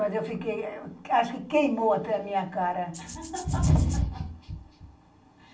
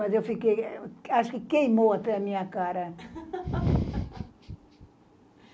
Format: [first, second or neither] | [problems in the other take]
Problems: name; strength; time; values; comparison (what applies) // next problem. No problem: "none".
second | background sound (Rattle (instrument)); 16 dB below the speech // room echo; dies away in 0.3 s